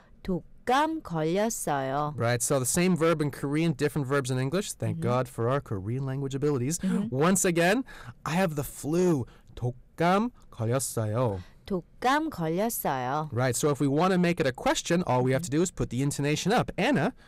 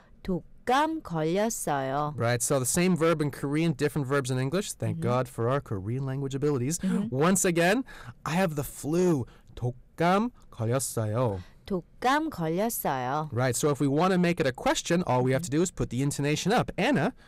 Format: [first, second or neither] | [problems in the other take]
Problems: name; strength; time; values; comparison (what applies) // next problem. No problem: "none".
neither | distortion; slight; 4% of the sound clipped; the same in both